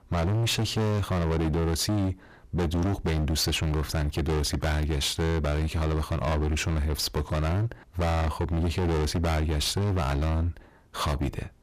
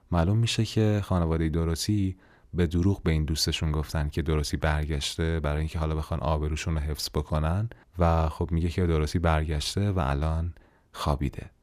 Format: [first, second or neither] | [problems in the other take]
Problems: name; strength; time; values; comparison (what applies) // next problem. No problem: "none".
second | distortion; heavy; 36% of the sound clipped